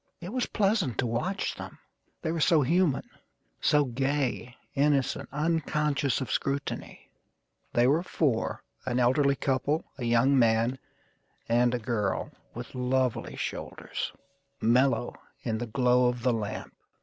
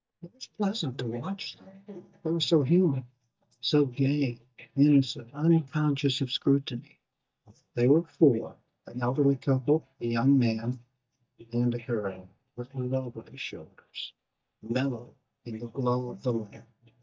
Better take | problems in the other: first | noise reduction (neural mask model DeepFilterNet 3)

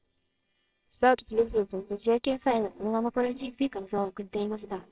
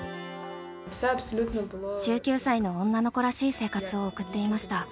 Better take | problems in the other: second | noise reduction (neural separator model SepFormer WHAMR!)

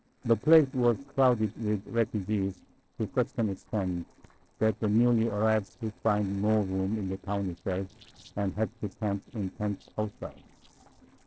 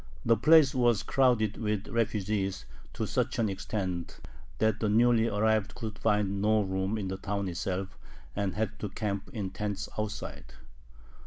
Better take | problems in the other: second | noise reduction (neural separator model SepFormer DNS4)

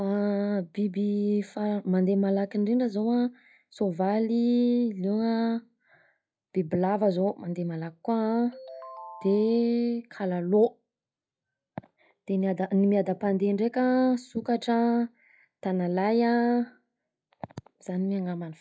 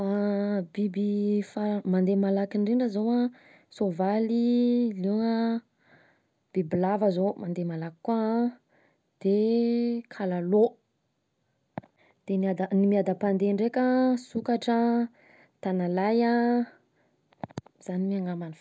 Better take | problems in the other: second | noise reduction (classical method log-MMSE)

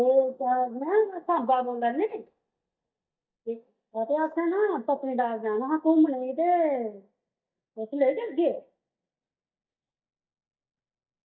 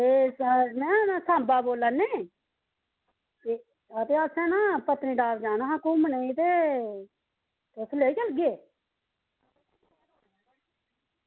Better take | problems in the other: second | noise reduction (neural mask model DeepFilterNet 3)

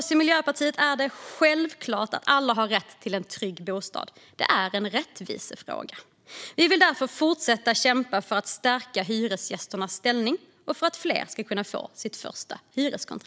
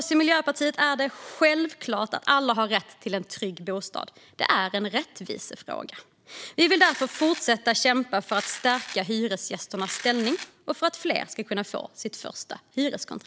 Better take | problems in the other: first | background sound (Domestic sounds, home sounds); 14 dB below the speech

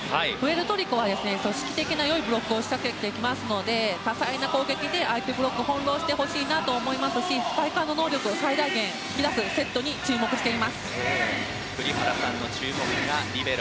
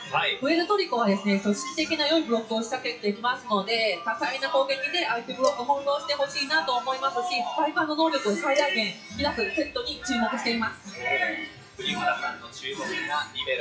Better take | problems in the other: first | noise reduction (classical method WPE with log-MMSE)

